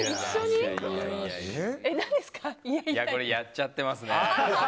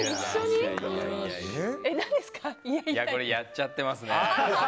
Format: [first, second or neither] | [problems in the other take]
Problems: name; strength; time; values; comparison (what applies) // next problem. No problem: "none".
first | background sound (Wind instrument, woodwind instrument); 17 dB below the speech